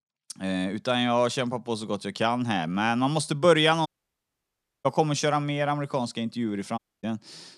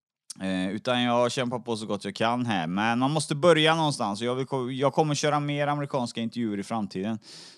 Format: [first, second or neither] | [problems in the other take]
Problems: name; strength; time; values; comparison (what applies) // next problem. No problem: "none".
second | audio cutting out; at 4 s for 1 s and at 7 s